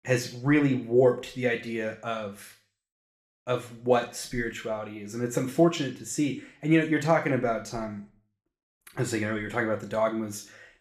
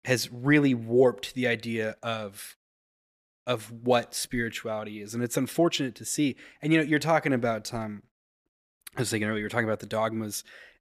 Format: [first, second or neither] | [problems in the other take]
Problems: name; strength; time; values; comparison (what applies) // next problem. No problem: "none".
second | room echo; very slight; dies away in 0.4 s // off-mic speech; somewhat distant